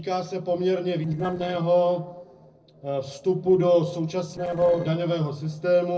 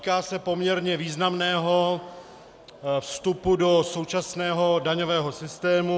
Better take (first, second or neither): second